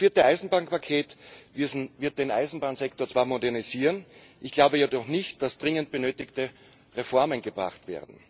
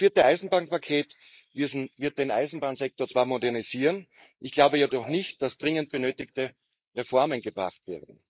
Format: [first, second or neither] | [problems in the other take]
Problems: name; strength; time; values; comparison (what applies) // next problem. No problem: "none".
first | noise reduction (neural mask model Resemble Enhance denoiser)